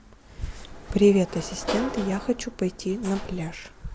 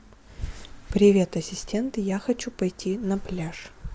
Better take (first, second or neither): second